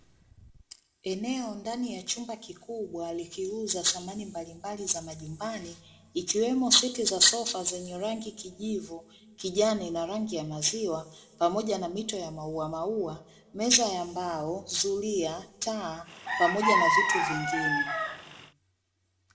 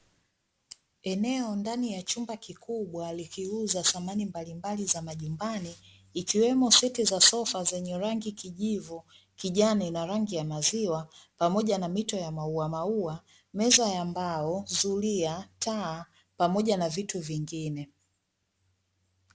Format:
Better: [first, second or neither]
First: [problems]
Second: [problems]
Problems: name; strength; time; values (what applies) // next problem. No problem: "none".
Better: second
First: background sound (Chicken, rooster); 3 dB above the speech // room echo; dies away in 1.2 s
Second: none